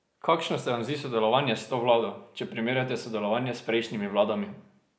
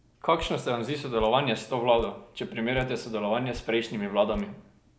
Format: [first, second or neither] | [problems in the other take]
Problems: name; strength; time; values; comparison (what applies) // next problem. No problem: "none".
first | background sound (Drip); 18 dB below the speech